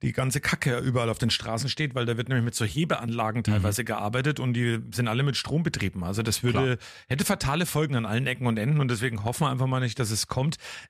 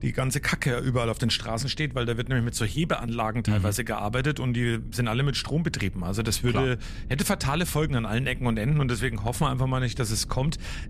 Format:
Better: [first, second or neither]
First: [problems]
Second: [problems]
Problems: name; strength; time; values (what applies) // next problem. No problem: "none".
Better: first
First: none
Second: low rumble; faint; throughout; 25 dB below the speech